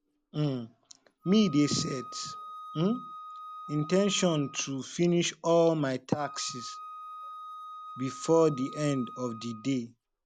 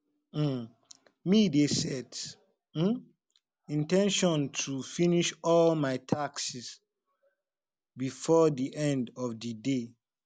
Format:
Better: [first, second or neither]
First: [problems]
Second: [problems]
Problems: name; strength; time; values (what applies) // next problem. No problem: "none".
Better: second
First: background sound (Wind instrument, woodwind instrument); 15 dB below the speech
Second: none